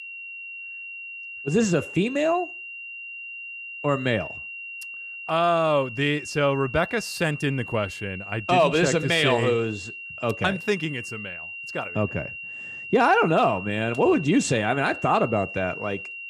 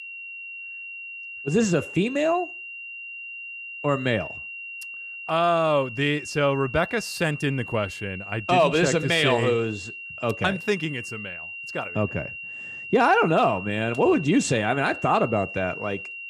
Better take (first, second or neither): neither